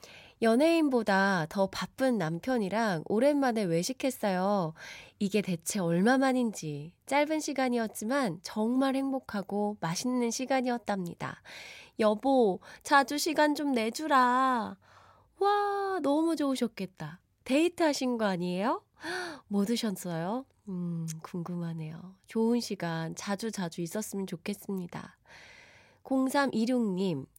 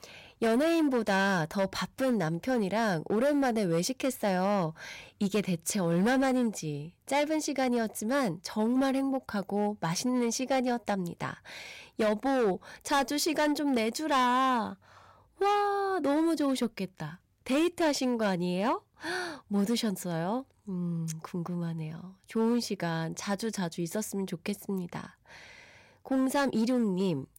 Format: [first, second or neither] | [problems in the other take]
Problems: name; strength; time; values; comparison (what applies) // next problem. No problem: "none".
first | distortion; slight; 8% of the sound clipped